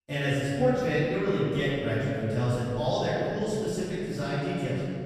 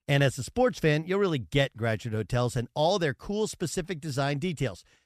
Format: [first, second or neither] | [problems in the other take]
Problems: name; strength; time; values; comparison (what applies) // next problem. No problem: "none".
second | off-mic speech; far // room echo; strong; dies away in 2.3 s